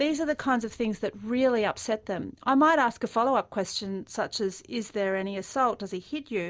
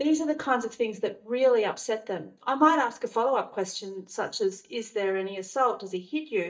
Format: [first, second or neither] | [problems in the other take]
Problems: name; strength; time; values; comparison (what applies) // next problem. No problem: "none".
first | noise reduction (neural mask model DeepFilterNet 3)